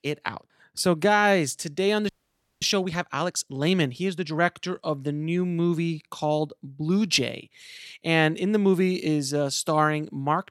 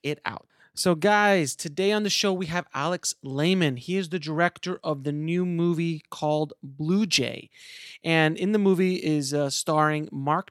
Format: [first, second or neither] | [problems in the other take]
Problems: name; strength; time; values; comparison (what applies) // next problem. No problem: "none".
second | audio freezing; at 2 s for 0.5 s